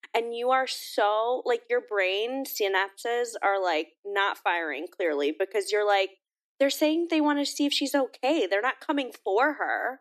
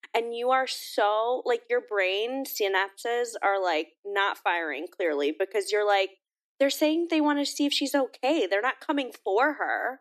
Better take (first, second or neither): neither